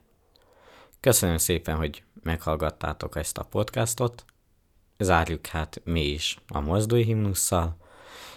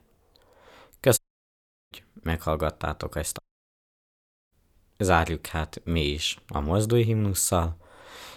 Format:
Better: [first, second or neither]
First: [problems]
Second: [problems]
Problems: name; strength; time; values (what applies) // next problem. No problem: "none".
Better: first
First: none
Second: audio cutting out; at 1 s for 0.5 s and at 3.5 s for 1 s